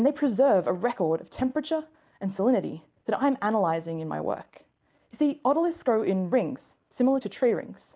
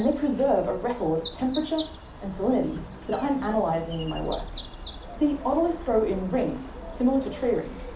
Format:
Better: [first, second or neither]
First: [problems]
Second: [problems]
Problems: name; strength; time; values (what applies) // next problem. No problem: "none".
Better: first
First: none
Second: background sound (Bird vocalization, bird call, bird song); 12 dB below the speech // room echo; dies away in 0.4 s